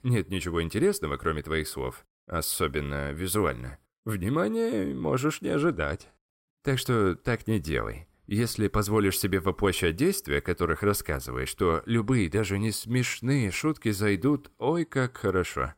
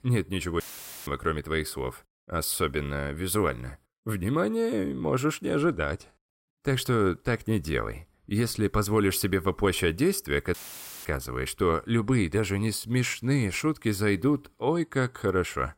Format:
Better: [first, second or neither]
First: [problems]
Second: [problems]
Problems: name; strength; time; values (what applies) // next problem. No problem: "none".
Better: first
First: none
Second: audio cutting out; filled with static; at 0.5 s and at 11 s for 0.5 s